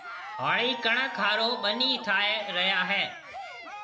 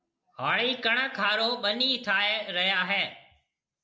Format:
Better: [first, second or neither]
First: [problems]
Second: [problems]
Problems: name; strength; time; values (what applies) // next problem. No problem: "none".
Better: second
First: background sound (Cheering); 10 dB below the speech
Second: none